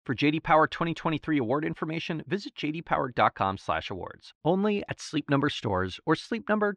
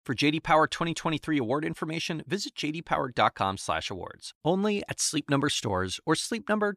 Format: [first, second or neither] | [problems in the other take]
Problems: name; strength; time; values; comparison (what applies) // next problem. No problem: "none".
second | muffled; slightly; fading above 3 kHz